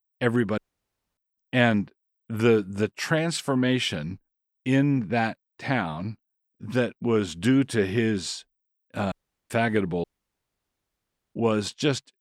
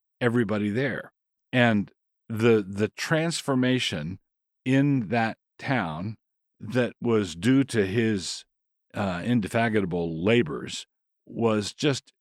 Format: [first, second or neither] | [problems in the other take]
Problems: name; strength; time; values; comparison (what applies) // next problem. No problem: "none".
second | audio cutting out; at 0.5 s for 0.5 s, at 9 s and at 10 s for 1.5 s